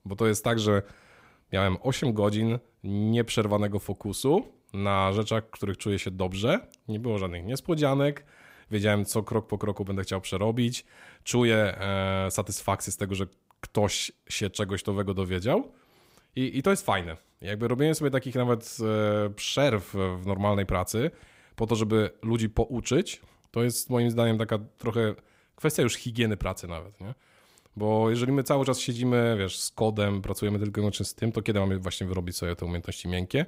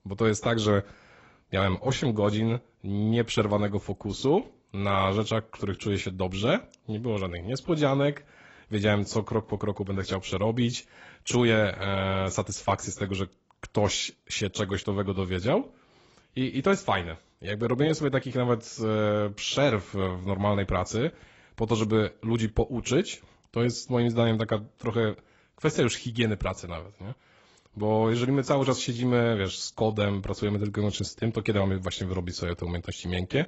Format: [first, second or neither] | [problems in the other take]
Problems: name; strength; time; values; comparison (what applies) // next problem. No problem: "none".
first | garbled, watery; badly; nothing above 7.5 kHz